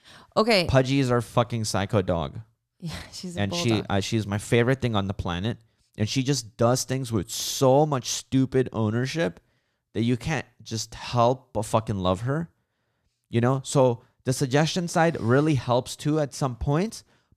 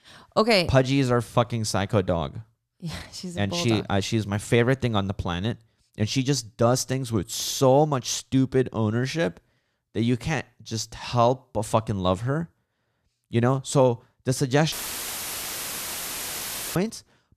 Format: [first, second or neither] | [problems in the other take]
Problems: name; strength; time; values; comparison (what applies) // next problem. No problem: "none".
first | audio cutting out; filled with static; at 15 s for 2 s